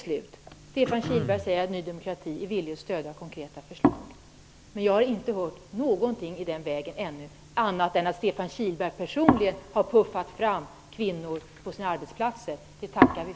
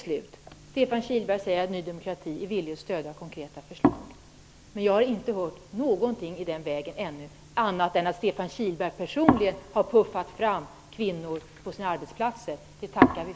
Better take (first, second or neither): second